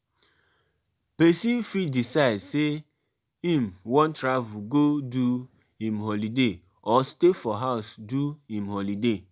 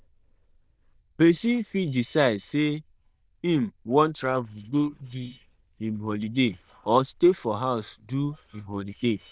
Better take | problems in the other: first | noise reduction (neural diffusion model UNIVERSE++)

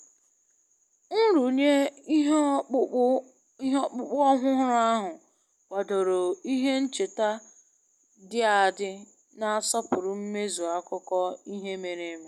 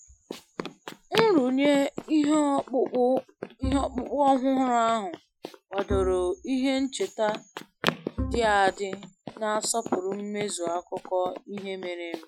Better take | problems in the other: first | noise reduction (classical method Wiener filter)

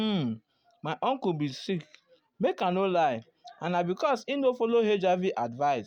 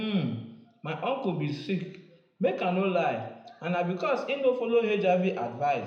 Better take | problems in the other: first | room echo; dies away in 0.8 s

